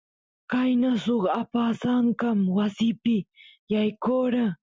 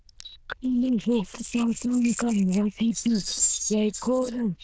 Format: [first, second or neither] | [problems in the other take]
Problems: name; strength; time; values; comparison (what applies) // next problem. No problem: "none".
first | noise reduction (neural diffusion model UNIVERSE++)